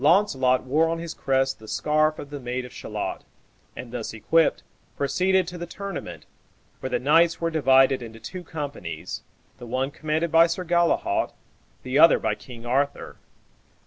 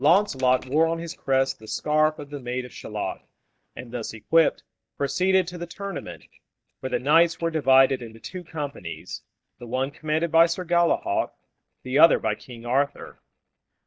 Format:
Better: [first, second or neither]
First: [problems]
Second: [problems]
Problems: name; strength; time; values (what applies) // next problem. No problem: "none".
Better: first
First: none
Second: noise reduction (neural mask model DeepFilterNet 3)